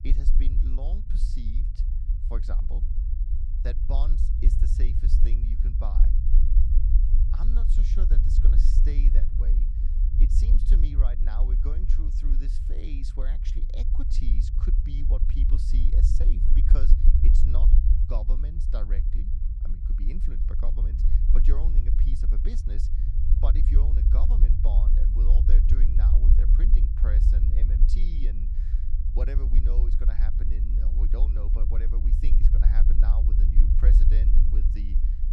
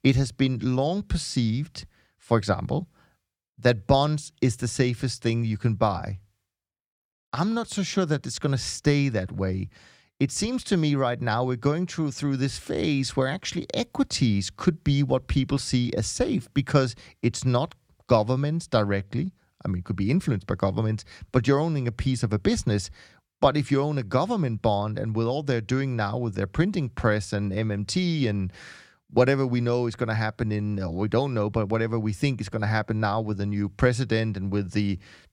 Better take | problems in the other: second | low rumble; loud; throughout; 1 dB below the speech

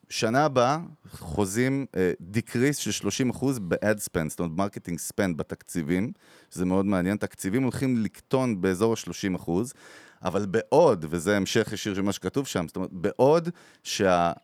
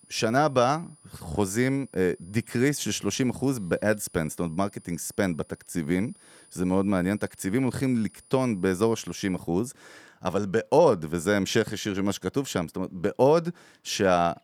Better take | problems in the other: first | high-pitched whine; faint; until 9.5 s; 9.5 kHz, 30 dB below the speech

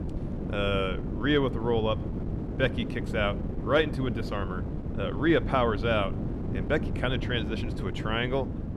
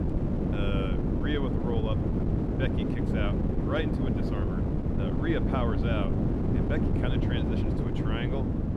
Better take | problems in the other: first | wind noise on the microphone; heavy; 1 dB above the speech; occasional gusts in the first

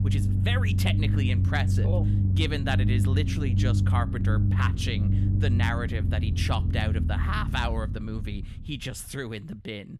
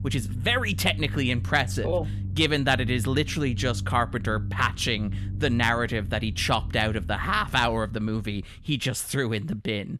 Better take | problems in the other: second | low rumble; loud; throughout; 6 dB below the speech; faint in the second

